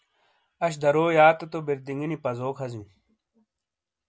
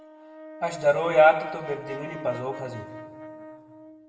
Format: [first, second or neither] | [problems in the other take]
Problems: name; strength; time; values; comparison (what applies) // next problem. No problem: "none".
first | background sound (Brass instrument); 15 dB below the speech // room echo; dies away in 2.3 s